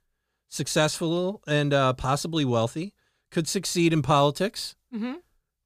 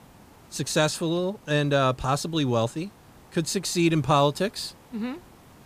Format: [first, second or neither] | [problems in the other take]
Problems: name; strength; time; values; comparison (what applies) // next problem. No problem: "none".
first | hiss; faint; throughout; 25 dB below the speech